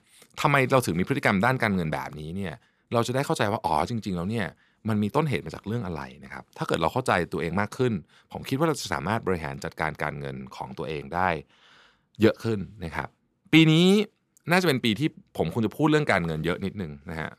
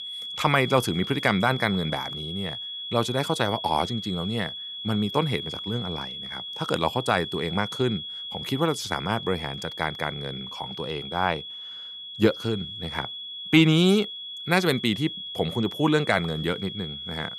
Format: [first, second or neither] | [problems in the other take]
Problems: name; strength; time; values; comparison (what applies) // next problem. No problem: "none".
first | high-pitched whine; loud; throughout; 3.5 kHz, 8 dB below the speech